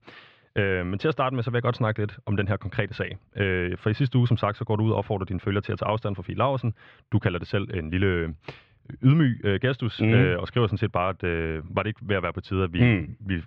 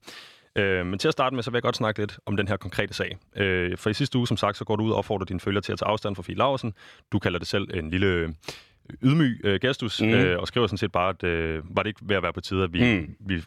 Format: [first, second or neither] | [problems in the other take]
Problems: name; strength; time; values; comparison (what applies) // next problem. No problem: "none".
second | muffled; slightly; fading above 3 kHz